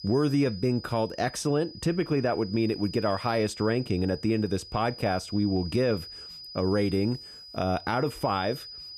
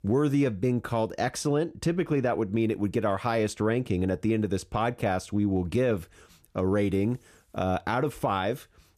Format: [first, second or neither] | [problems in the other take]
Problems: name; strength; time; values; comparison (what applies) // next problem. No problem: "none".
second | high-pitched whine; noticeable; throughout; 5 kHz, 15 dB below the speech